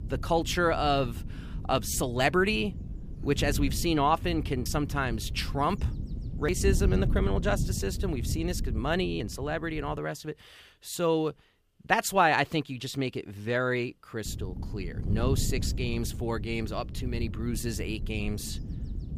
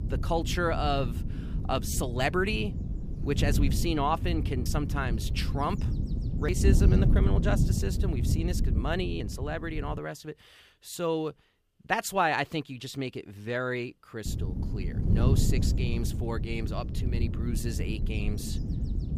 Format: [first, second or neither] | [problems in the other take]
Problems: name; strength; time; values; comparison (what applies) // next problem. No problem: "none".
first | wind noise on the microphone; heavy; until 10 s and from 14 s on; 10 dB below the speech; occasional gusts in the first